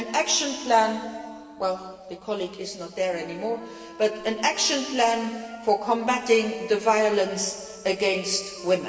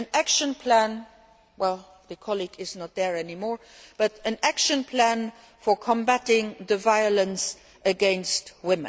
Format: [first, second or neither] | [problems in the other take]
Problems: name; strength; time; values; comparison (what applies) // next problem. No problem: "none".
second | background sound (Wind instrument, woodwind instrument); 20 dB below the speech // room echo; dies away in 1.9 s